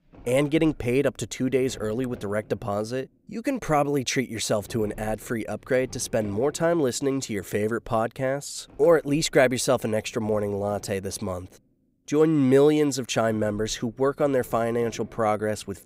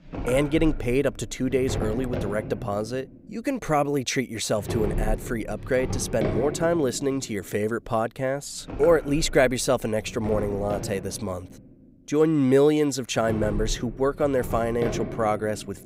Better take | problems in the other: first | household noises; loud; throughout; 9 dB below the speech; faint in the first

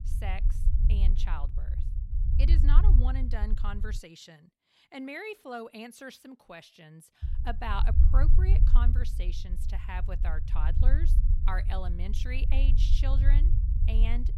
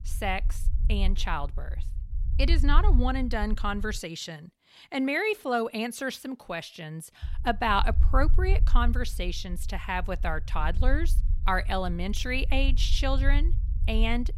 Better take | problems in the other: second | low rumble; loud; until 4 s and from 7 s on; 7 dB below the speech; faint in the second

